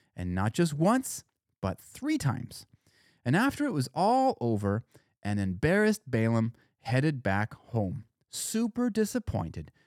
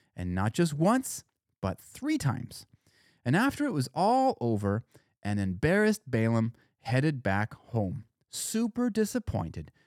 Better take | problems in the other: neither | none

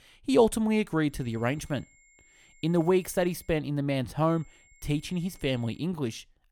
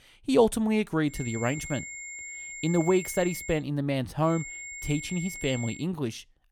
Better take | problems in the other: first | high-pitched whine; loud; from 1 to 3.5 s and from 4.5 to 6 s; 2 kHz, 10 dB below the speech; faint in the first

